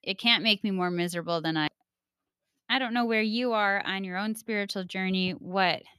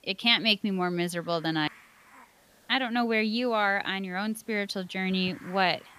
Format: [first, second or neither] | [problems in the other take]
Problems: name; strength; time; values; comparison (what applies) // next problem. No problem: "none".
first | hiss; faint; throughout; 25 dB below the speech